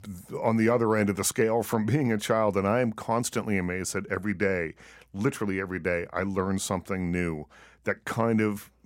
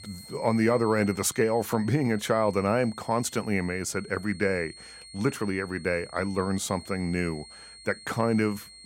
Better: first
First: none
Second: high-pitched whine; noticeable; throughout; 4.5 kHz, 20 dB below the speech

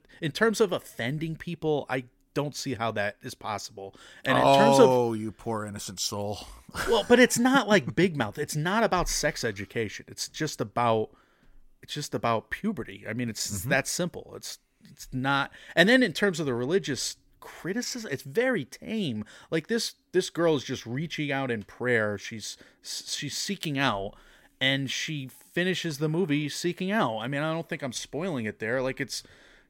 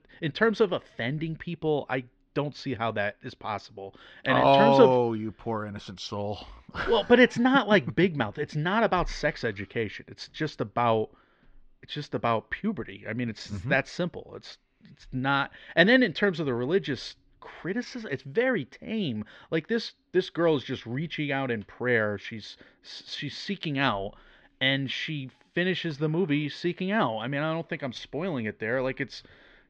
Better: first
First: none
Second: muffled; slightly; fading above 4 kHz

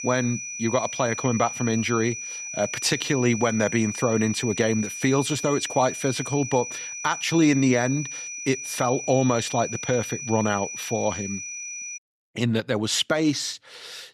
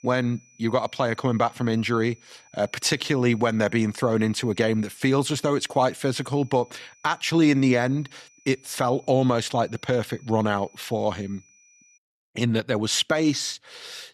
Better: second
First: high-pitched whine; loud; until 12 s; 6 kHz, 7 dB below the speech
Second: high-pitched whine; faint; until 12 s; 6 kHz, 30 dB below the speech

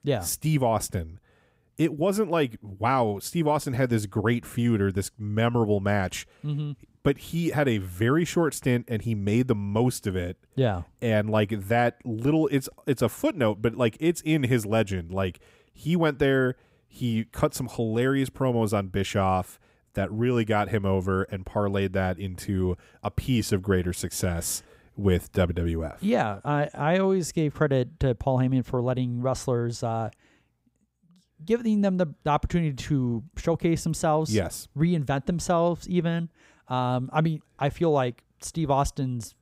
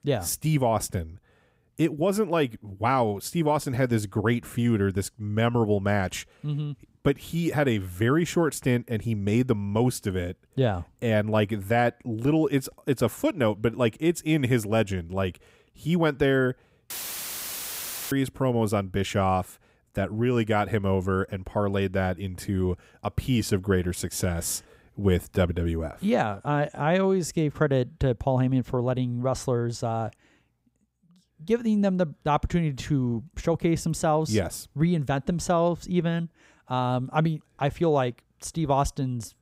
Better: first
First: none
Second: audio cutting out; filled with static; at 17 s for 1 s

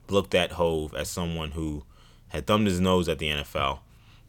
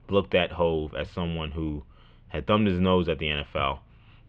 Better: first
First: none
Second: muffled; very; fading above 3 kHz

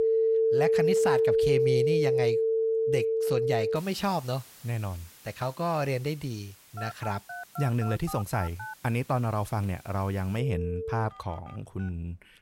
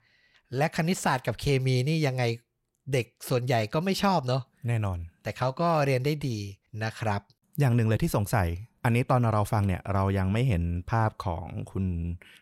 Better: second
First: alarms or sirens; very loud; throughout; 5 dB above the speech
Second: none

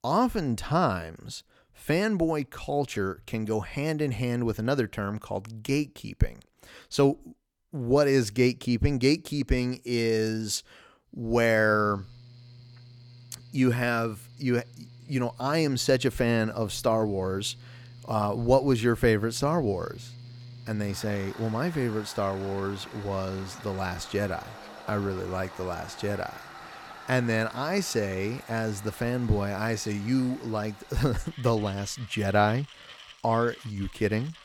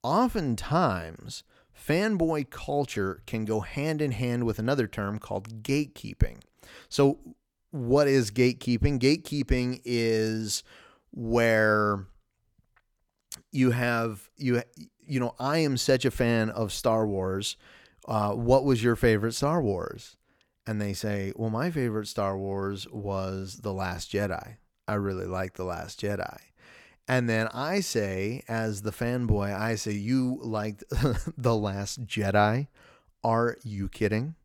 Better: second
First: machinery noise; noticeable; from 11 s on; 20 dB below the speech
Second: none

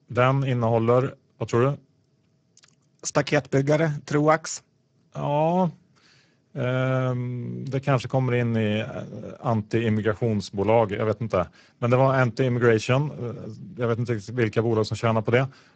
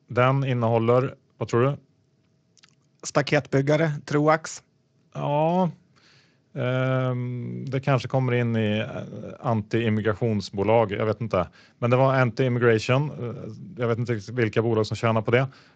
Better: second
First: garbled, watery; badly; nothing above 7.5 kHz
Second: garbled, watery; slightly; nothing above 7.5 kHz

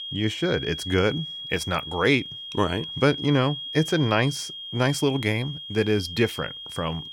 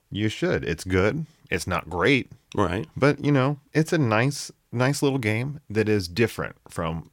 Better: second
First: high-pitched whine; loud; throughout; 3.5 kHz, 8 dB below the speech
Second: none

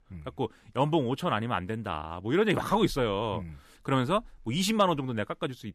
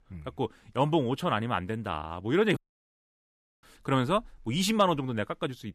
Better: first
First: none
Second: audio cutting out; at 2.5 s for 1 s

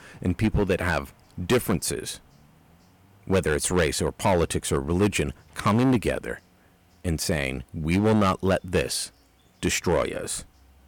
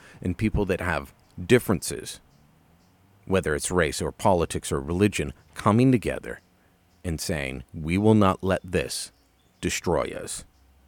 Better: second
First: distortion; heavy; 6% of the sound clipped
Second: none

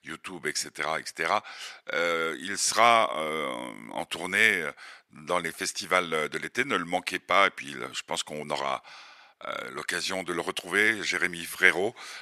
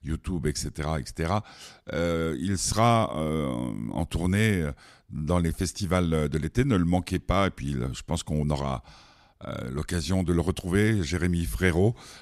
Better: second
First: thin; very; fading below 500 Hz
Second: none

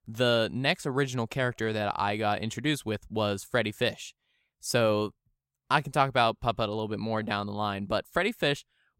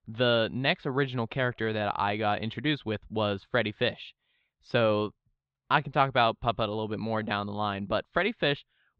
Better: first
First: none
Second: muffled; slightly; fading above 4 kHz

